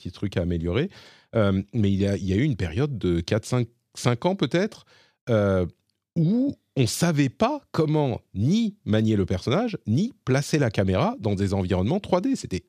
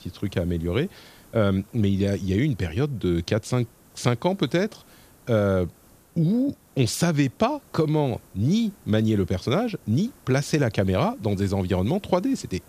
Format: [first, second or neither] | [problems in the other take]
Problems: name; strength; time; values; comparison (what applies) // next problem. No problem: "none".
first | hiss; faint; throughout; 30 dB below the speech